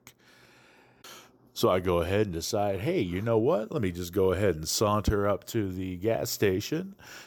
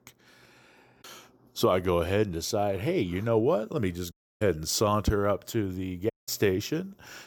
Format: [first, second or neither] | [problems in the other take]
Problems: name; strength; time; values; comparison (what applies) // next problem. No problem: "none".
first | audio cutting out; at 4 s and at 6 s